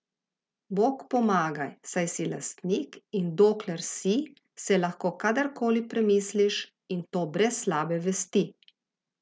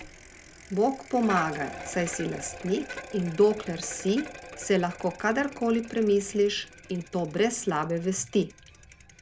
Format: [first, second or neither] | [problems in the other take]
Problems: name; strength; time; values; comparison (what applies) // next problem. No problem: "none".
first | background sound (Bicycle); 15 dB below the speech